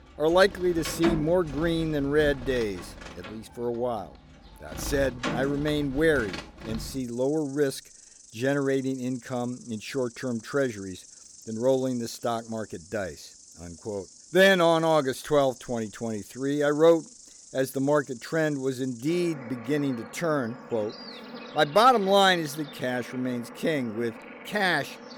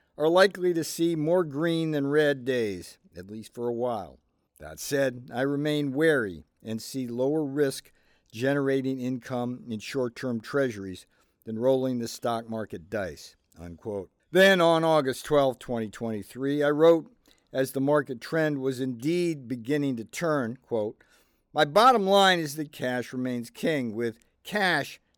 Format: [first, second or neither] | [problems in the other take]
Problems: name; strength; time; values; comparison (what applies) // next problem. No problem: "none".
second | animal sounds; noticeable; throughout; 15 dB below the speech